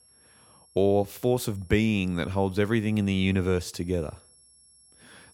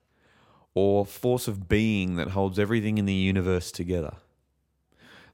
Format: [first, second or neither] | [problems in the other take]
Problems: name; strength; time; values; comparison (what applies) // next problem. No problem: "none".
second | high-pitched whine; faint; throughout; 11 kHz, 30 dB below the speech